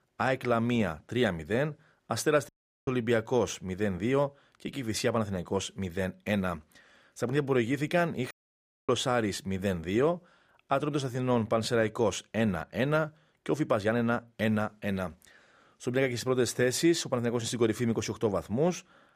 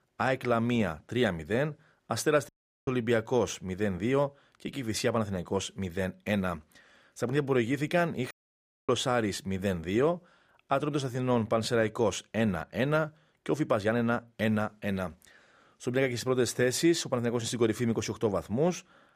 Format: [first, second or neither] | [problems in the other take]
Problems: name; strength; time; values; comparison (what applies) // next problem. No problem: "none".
neither | audio cutting out; at 2.5 s and at 8.5 s for 0.5 s; the same in both